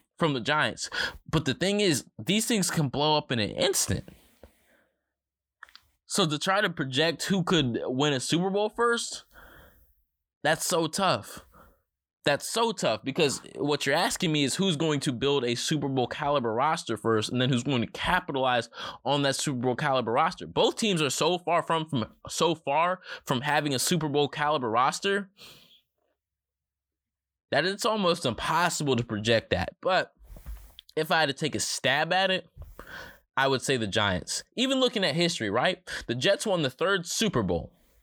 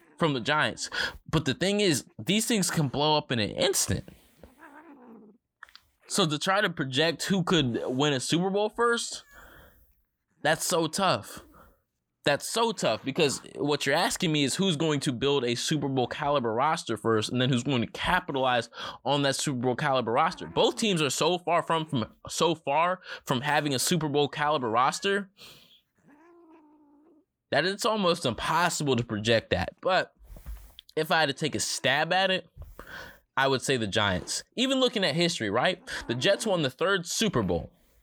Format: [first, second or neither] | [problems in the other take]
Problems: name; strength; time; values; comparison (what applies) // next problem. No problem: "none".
first | hiss; faint; throughout; 30 dB below the speech